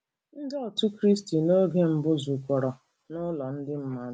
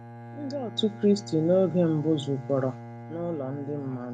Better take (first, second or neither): first